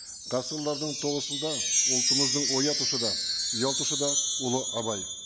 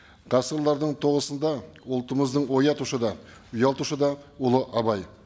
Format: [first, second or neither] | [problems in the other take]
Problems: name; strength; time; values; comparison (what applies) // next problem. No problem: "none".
second | background sound (Wind chime); 3 dB above the speech